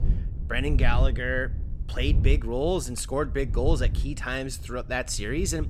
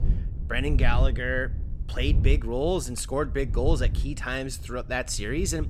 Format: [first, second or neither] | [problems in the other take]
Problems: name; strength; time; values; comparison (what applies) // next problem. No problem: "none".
neither | wind noise on the microphone; occasional gusts; 15 dB below the speech; the same in both